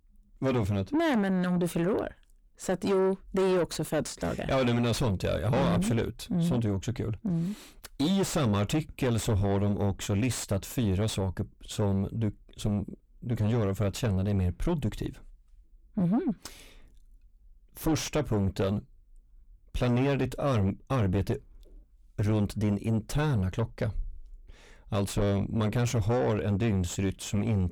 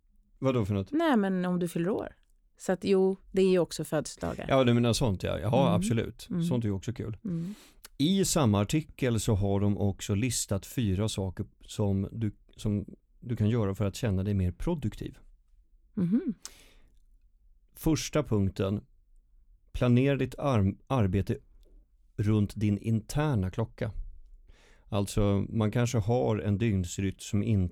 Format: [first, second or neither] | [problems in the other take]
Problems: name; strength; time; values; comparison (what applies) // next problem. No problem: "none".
second | distortion; heavy; 6 dB below the speech